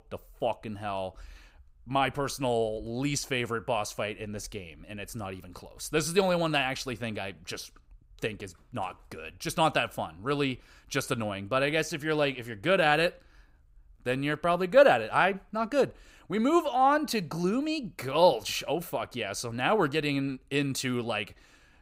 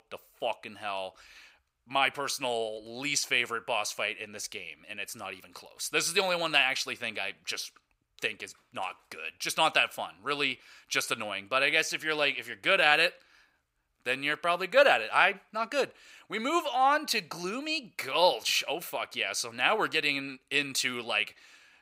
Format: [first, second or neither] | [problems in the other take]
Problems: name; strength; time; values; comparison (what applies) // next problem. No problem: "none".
first | thin; somewhat; fading below 850 Hz